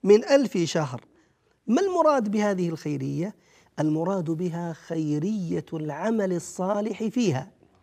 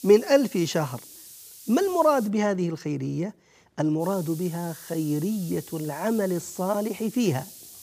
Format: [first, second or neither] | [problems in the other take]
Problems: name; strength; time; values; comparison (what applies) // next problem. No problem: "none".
first | hiss; noticeable; until 2.5 s and from 4 s on; 15 dB below the speech